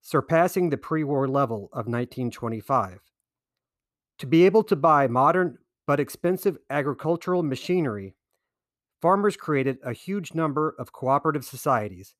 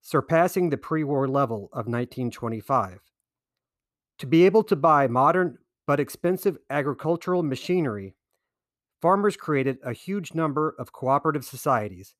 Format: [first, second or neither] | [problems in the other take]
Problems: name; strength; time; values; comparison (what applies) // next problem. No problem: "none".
neither | none